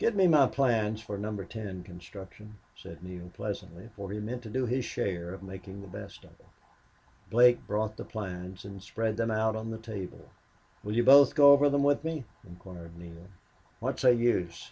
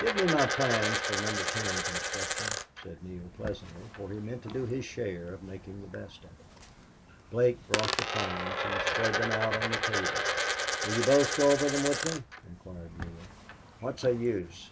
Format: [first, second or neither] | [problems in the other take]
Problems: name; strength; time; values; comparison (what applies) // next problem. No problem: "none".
first | background sound (Coin (dropping)); 1 dB below the speech